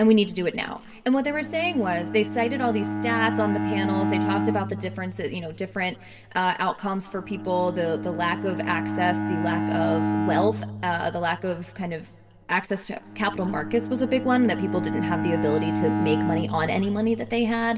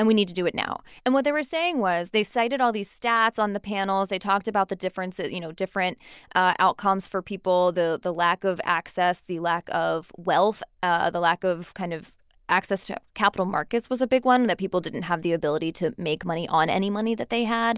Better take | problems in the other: second | background sound (Bowed string instrument); 4 dB below the speech // room echo; dies away in 1.9 s

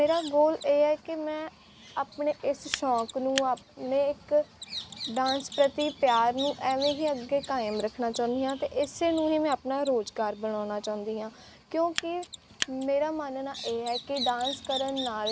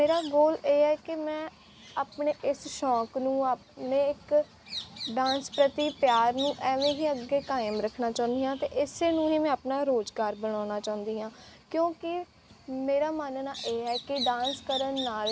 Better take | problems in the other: second | background sound (Mechanisms); 17 dB below the speech

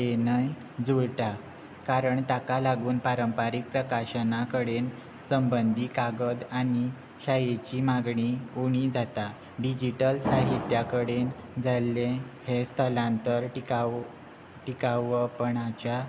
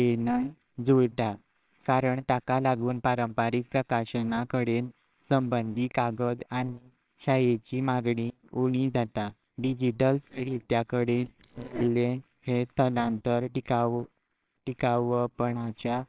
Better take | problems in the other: first | noise reduction (neural separator model SepFormer WHAMR!)

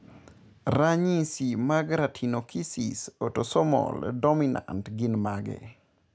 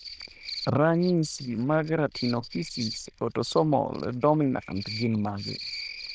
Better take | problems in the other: first | noise reduction (neural diffusion model UNIVERSE++)

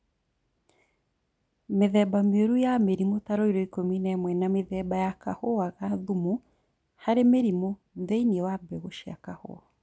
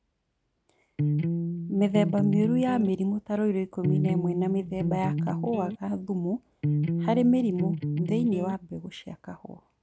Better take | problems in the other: first | background sound (Electric guitar); as loud as the speech

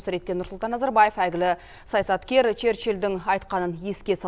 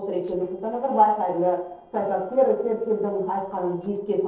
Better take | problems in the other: first | noise reduction (neural separator model SepFormer DNS4)

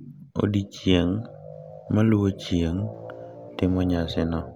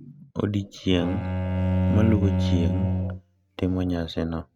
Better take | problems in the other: first | noise reduction (neural mask model RNNoise)

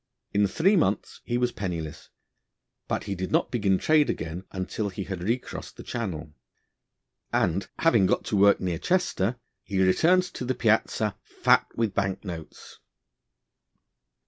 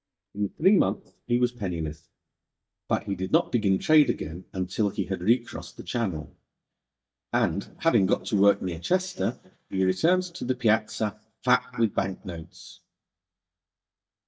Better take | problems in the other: first | noise reduction (neural mask model DeepFilterNet 3)

